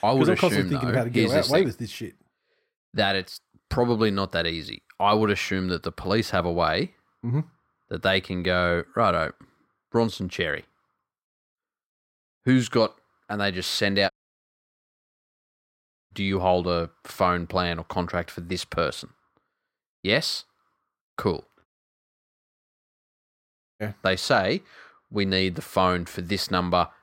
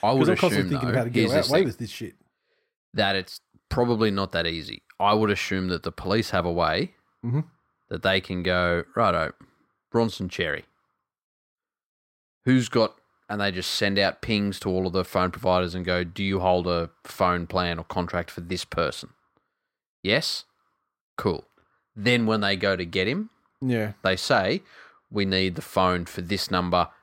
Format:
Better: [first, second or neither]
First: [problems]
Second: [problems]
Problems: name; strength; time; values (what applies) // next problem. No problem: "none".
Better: second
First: audio cutting out; at 14 s for 2 s and at 22 s for 2 s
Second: none